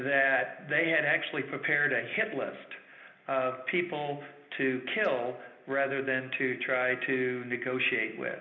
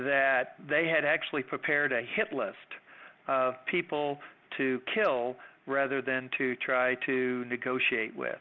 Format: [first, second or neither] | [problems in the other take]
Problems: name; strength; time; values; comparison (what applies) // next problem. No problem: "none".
second | room echo; dies away in 0.8 s